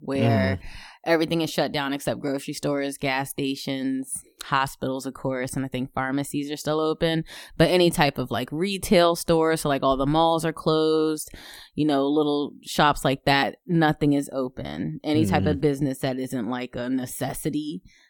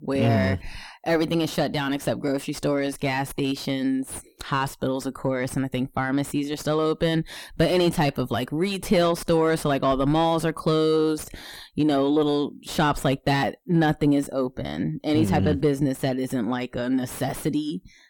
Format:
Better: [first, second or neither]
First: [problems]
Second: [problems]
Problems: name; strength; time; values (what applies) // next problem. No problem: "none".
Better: first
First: none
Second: distortion; slight; 10 dB below the speech